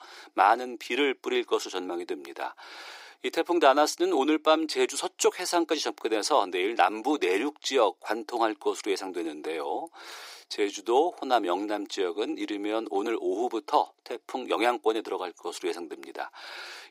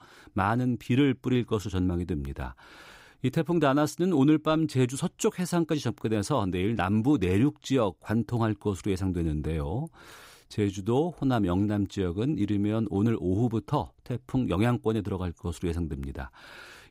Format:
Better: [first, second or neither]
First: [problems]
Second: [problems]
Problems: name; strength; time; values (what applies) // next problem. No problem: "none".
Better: second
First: thin; very; fading below 350 Hz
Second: none